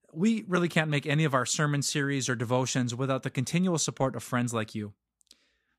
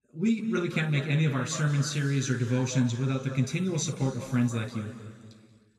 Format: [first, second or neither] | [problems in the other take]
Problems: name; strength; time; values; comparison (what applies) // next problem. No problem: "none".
first | room echo; noticeable; dies away in 2.1 s // off-mic speech; somewhat distant